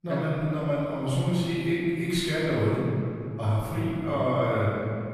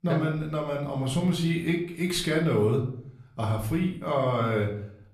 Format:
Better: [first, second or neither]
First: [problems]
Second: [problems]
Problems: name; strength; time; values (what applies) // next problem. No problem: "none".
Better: second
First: room echo; strong; dies away in 2.4 s // off-mic speech; far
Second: room echo; slight; dies away in 0.5 s // off-mic speech; far